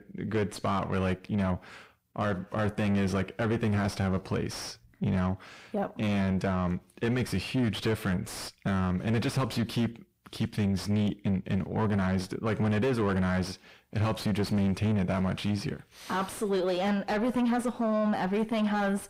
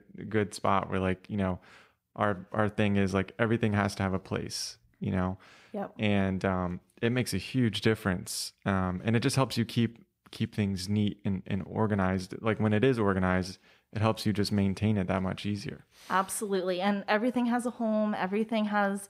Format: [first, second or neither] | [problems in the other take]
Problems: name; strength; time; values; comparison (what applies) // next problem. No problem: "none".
second | distortion; heavy; 6 dB below the speech